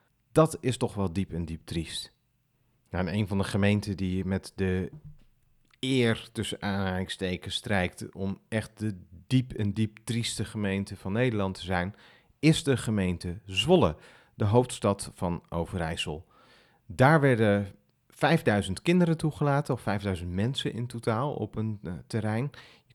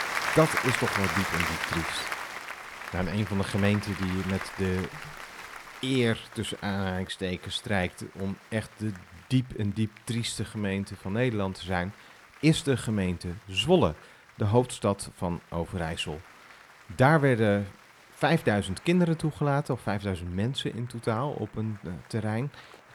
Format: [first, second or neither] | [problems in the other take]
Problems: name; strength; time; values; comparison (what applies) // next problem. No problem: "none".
first | crowd noise; loud; throughout; 4 dB below the speech